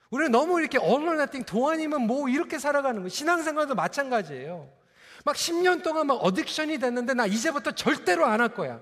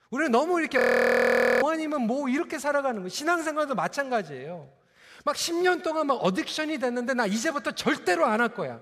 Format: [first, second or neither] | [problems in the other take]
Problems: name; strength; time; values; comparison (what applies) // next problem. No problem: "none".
first | audio freezing; at 1 s for 1 s